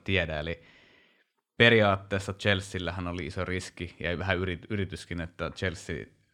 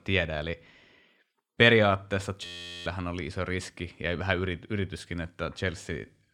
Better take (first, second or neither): first